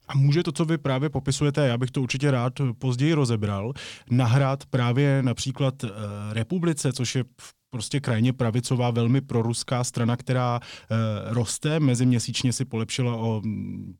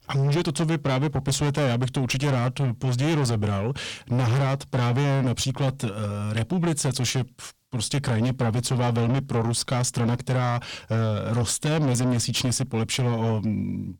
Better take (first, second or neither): first